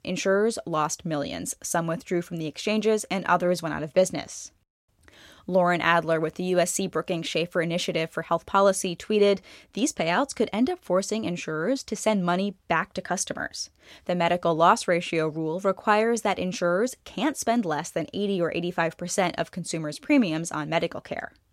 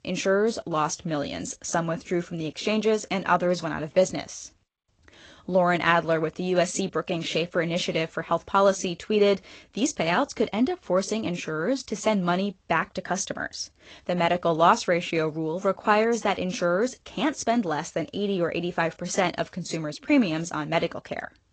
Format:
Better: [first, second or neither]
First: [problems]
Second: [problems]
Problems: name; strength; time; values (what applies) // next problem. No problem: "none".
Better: first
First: none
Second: garbled, watery; slightly; nothing above 8 kHz